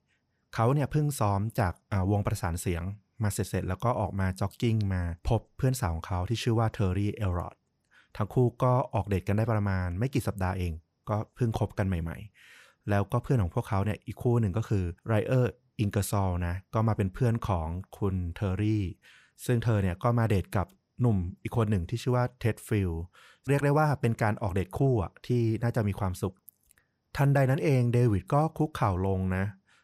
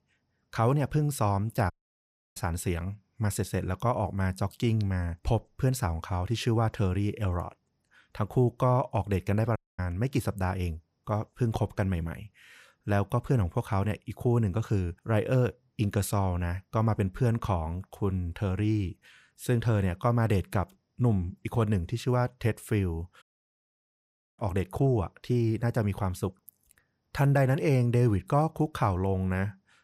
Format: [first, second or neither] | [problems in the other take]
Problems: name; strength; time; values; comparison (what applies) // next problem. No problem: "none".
first | audio cutting out; at 1.5 s for 0.5 s, at 9.5 s and at 23 s for 1 s